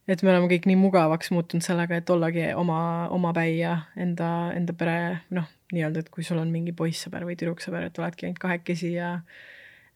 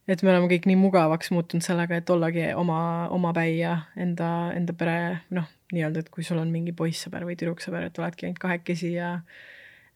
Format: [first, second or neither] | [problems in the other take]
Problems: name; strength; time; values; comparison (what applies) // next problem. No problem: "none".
neither | none